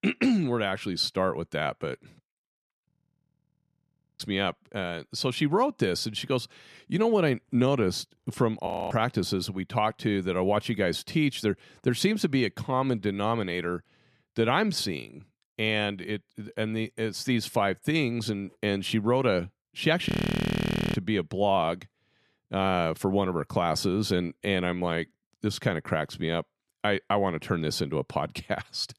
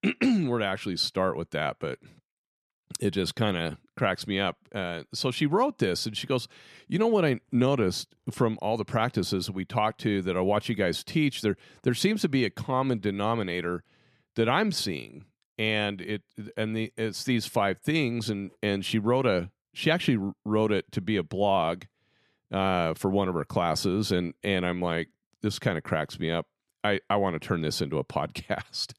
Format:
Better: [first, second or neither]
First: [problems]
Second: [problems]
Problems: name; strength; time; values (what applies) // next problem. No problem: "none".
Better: second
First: audio freezing; at 3 s for 1.5 s, at 8.5 s and at 20 s for 1 s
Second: none